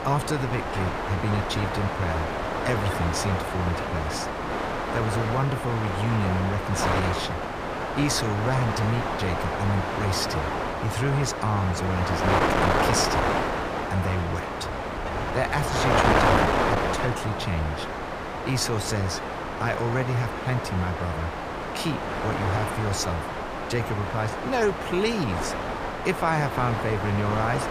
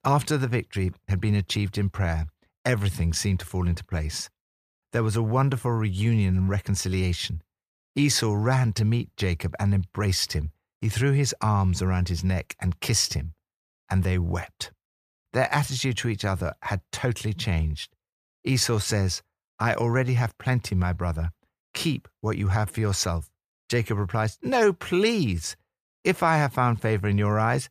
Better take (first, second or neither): second